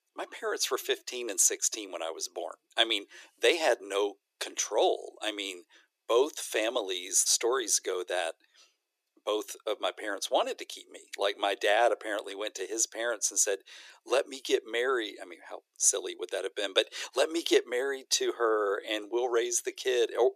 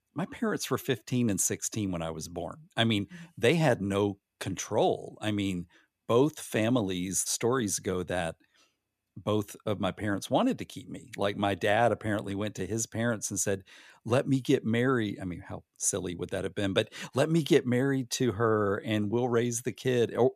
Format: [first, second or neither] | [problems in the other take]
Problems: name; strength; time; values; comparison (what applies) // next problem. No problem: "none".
second | thin; very; fading below 350 Hz